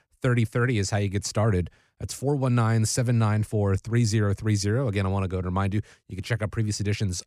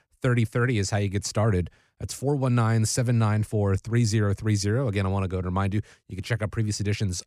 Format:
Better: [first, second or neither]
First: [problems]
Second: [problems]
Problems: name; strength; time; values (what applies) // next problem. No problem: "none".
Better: neither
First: none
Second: none